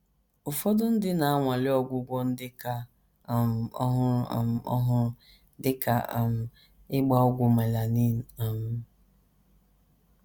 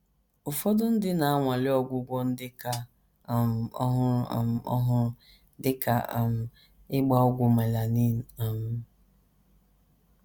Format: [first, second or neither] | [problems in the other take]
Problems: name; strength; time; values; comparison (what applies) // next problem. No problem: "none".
first | background sound (Hi-hat); 20 dB below the speech